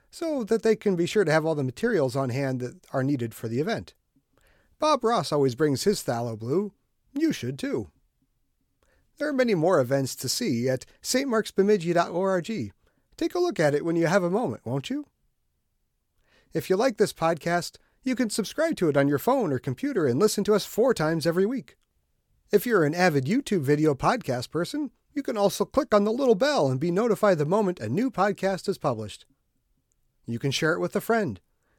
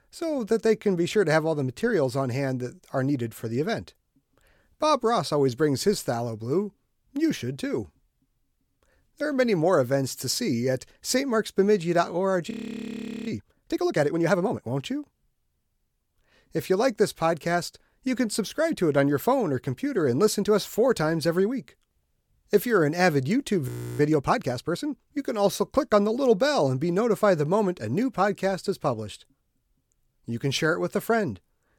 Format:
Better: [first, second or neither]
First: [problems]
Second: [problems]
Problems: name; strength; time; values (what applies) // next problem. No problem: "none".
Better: first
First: none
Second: audio freezing; at 13 s for 1 s and at 24 s